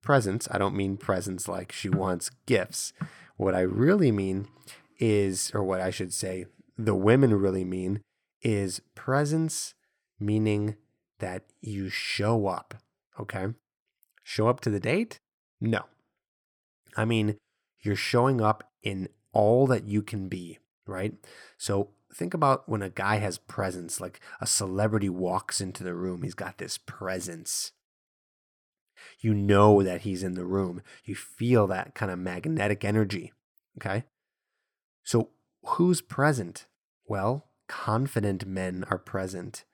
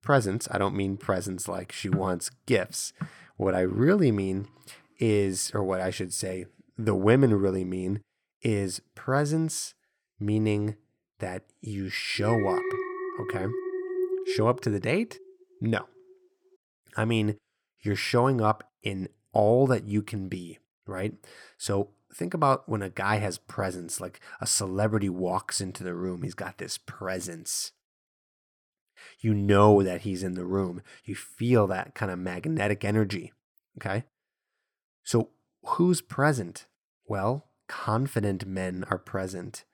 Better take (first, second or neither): first